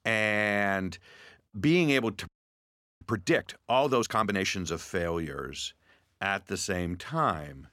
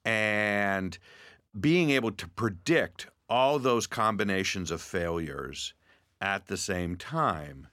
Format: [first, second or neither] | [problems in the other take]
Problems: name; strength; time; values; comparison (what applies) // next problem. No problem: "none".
second | audio freezing; at 2.5 s for 0.5 s